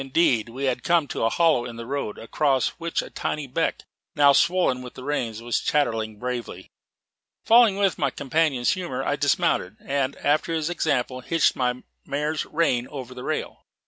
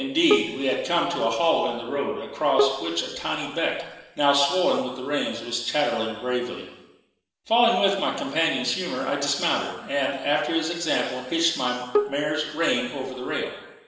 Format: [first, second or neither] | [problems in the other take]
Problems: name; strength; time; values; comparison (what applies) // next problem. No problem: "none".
first | background sound (Bowed string instrument); 5 dB below the speech // room echo; dies away in 1.1 s